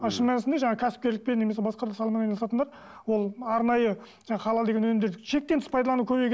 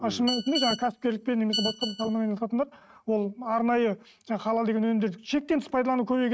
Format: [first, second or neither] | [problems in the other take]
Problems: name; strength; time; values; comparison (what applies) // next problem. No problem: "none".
first | noise reduction (neural mask model RNNoise)